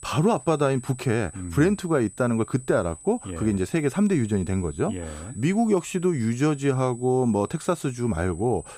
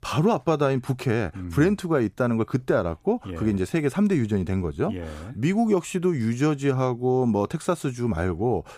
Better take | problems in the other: second | high-pitched whine; noticeable; throughout; 8 kHz, 20 dB below the speech

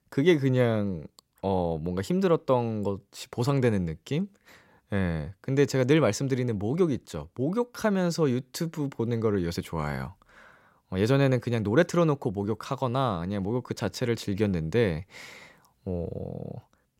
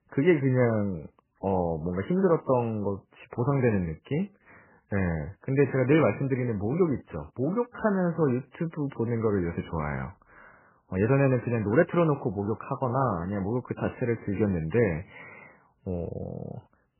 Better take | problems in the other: first | garbled, watery; badly; nothing above 3 kHz

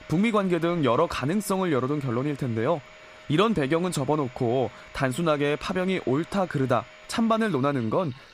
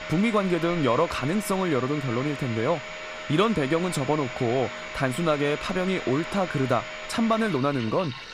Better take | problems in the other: first | household noises; loud; throughout; 9 dB below the speech; faint in the first

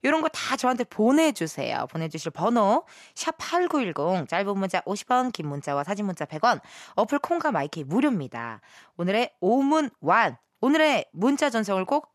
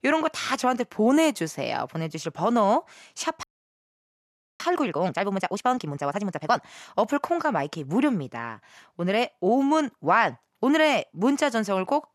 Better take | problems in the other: first | audio freezing; at 3.5 s for 1 s

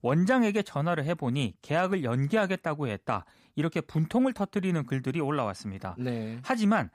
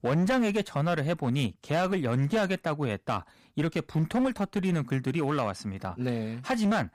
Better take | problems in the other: first | distortion; slight; 12% of the sound clipped

